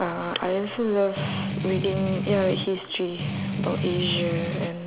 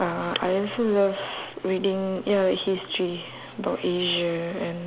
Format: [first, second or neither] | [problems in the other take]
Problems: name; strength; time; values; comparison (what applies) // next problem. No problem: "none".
second | background sound (Strum); 2 dB below the speech